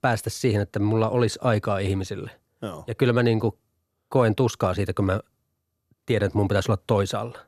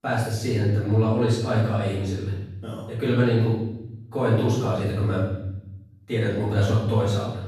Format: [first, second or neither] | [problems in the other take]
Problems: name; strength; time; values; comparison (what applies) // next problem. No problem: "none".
first | off-mic speech; far // room echo; strong; dies away in 1 s